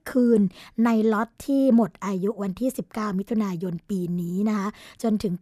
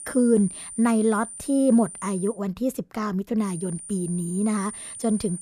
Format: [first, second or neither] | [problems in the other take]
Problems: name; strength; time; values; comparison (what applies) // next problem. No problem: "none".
first | high-pitched whine; noticeable; until 2.5 s and from 3.5 s on; 9 kHz, 10 dB below the speech